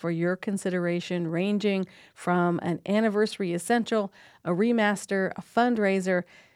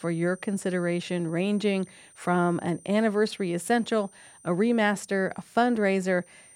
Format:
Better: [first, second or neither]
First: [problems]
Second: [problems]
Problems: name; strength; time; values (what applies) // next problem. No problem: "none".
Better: first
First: none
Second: high-pitched whine; faint; throughout; 9 kHz, 25 dB below the speech